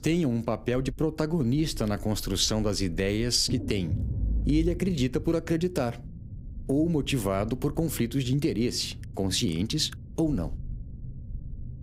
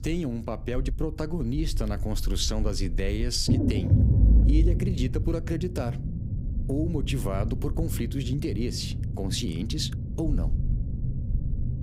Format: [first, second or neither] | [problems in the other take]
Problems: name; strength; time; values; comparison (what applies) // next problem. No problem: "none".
first | low rumble; loud; throughout; 7 dB below the speech; faint in the first